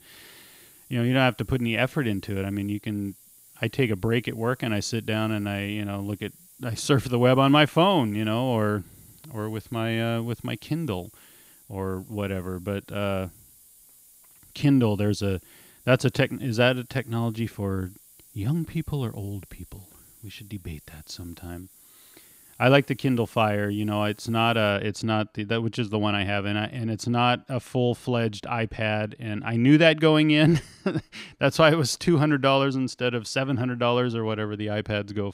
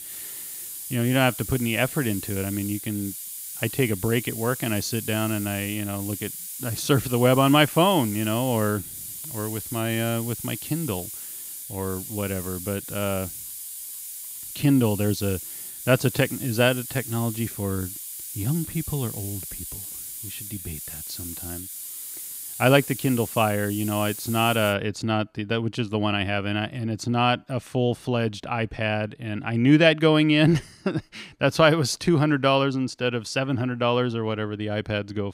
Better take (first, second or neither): first